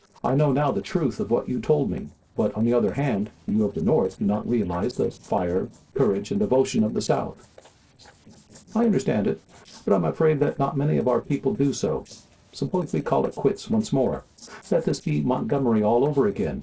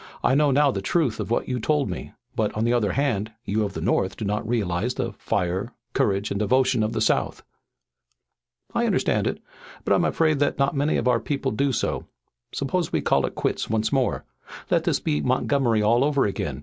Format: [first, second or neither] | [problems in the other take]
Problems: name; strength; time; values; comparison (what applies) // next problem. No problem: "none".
second | noise reduction (neural separator model SepFormer DNS4)